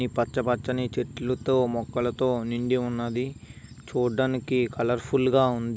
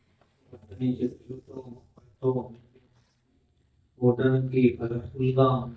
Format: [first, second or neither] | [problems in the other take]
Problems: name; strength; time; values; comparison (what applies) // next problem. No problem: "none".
first | noise reduction (neural mask model DeepFilterNet 3)